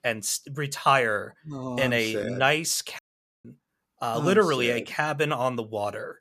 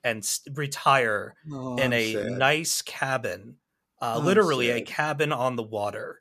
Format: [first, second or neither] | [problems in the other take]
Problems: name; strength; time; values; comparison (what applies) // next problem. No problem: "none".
second | audio cutting out; at 3 s